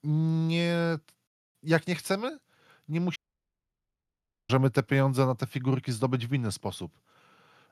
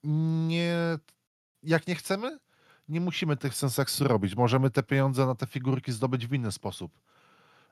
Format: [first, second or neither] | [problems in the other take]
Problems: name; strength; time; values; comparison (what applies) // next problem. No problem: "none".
second | audio cutting out; at 3 s for 1.5 s